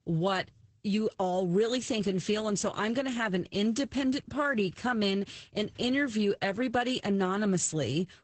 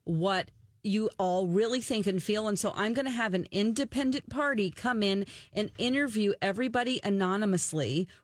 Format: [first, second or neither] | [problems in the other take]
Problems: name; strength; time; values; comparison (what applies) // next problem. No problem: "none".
second | garbled, watery; badly; nothing above 8 kHz; slightly in the second